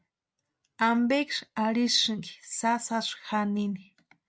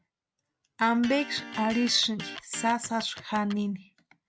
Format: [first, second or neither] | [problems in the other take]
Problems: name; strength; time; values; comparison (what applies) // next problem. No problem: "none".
first | background sound (Electric guitar); 12 dB below the speech